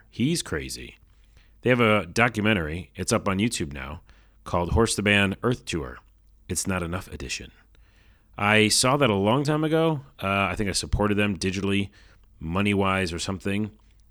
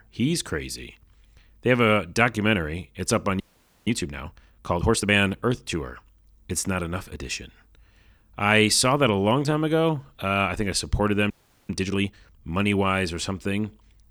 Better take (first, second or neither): first